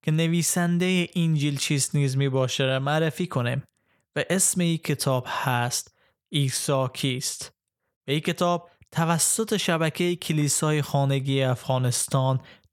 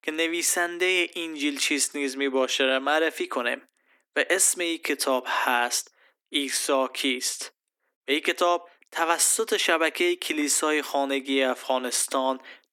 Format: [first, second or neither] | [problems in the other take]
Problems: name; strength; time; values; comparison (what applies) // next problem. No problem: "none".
first | thin; somewhat; fading below 250 Hz